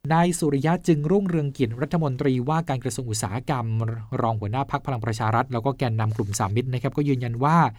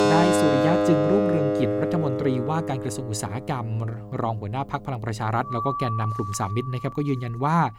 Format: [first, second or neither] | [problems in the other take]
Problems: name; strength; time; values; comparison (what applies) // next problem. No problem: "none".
first | background music; very loud; throughout; 2 dB above the speech